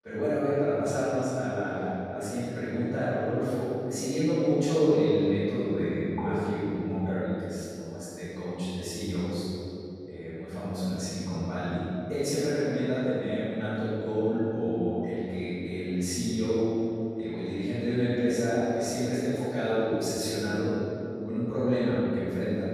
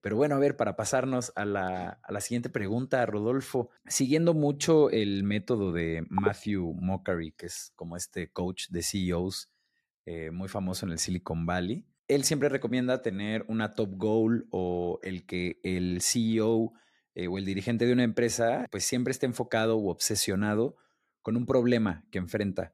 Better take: second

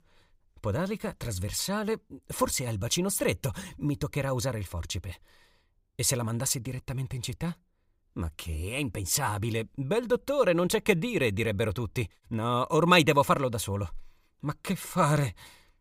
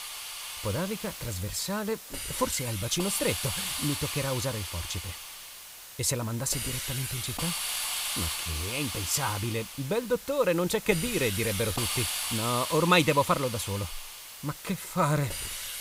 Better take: first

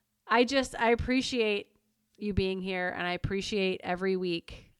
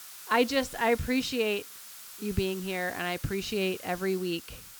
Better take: first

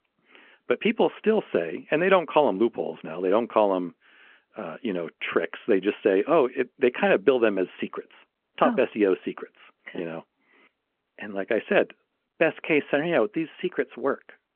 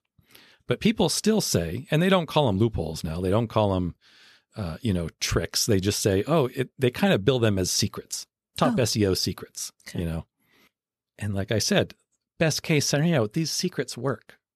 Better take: second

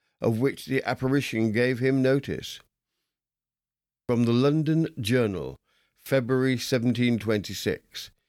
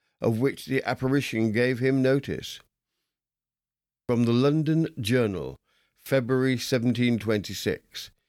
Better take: neither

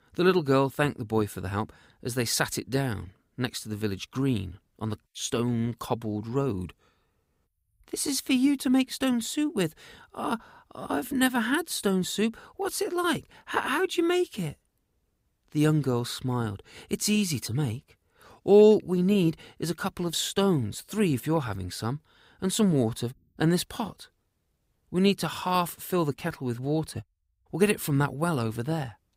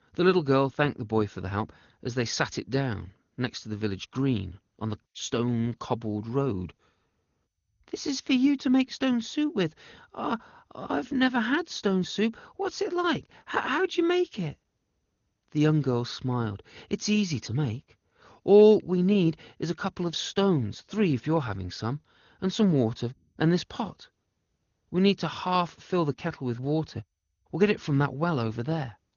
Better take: first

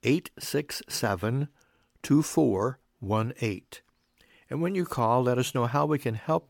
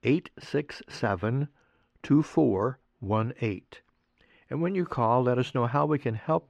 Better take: first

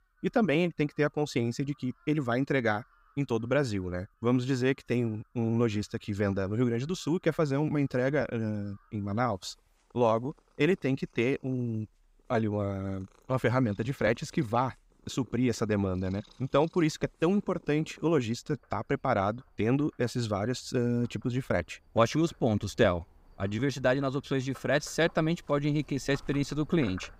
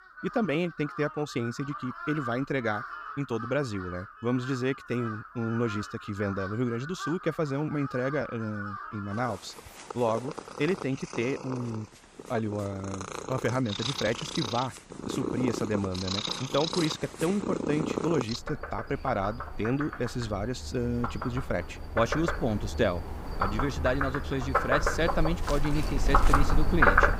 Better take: first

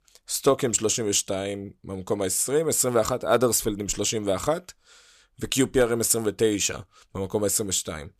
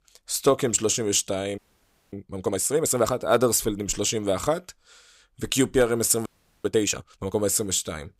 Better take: first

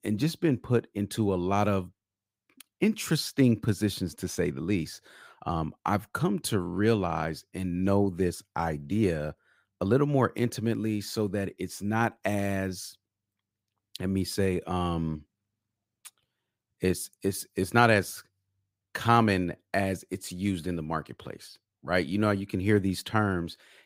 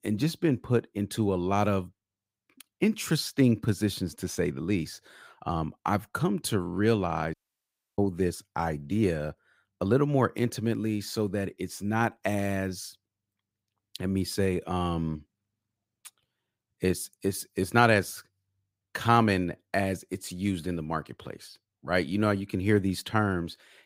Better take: first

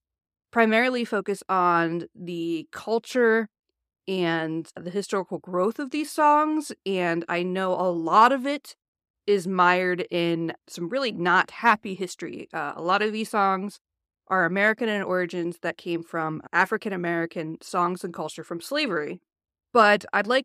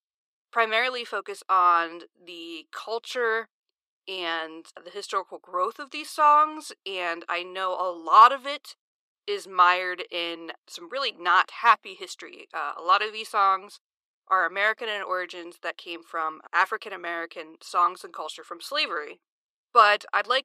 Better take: first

